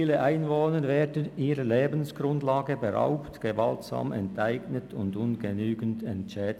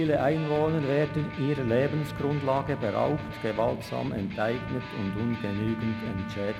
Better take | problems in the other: first | background sound (Electric guitar + Trumpet); 10 dB below the speech

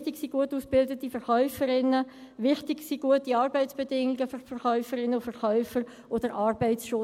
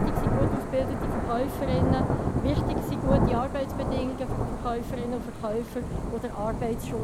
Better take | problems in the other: first | background sound (Thunder / Rain); 4 dB above the speech

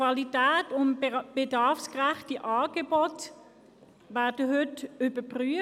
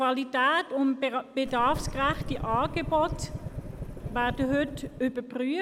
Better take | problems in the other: first | background sound (Engine starting / Car); 8 dB below the speech

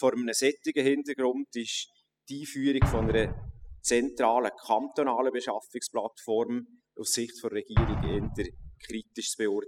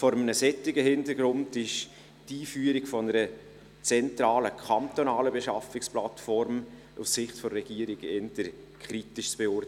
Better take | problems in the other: second | noise reduction (classical method spectral subtraction)

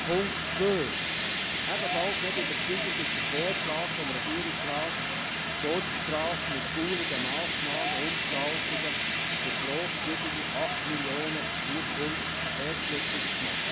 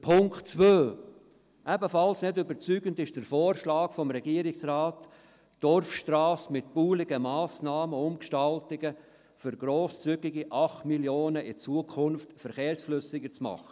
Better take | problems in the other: second | background sound (Fire); 4 dB above the speech

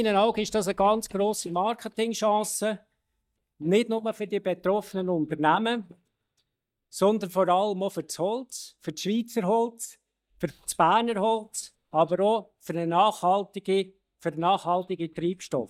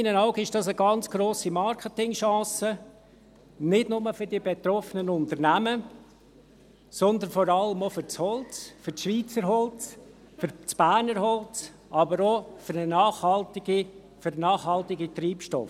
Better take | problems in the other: second | noise reduction (neural mask model DeepFilterNet 3)

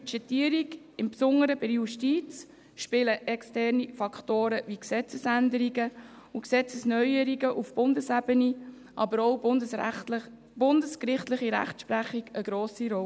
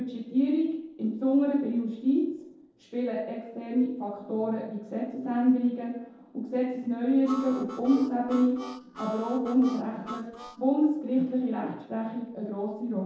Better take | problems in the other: first | noise reduction (neural separator model SepFormer DNS4)

